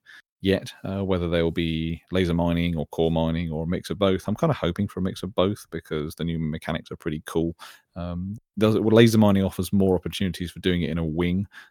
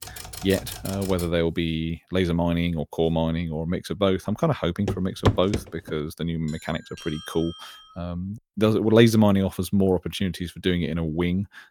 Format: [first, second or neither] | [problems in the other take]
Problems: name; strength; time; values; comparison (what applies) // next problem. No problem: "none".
first | keyboard typing; noticeable; until 1.5 s; peak 9 dB below the speech // footsteps; loud; at 5 s; peak 1 dB above the speech // doorbell; faint; from 6.5 to 8 s; peak 15 dB below the speech